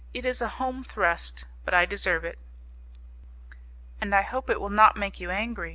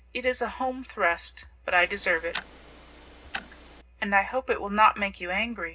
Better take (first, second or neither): first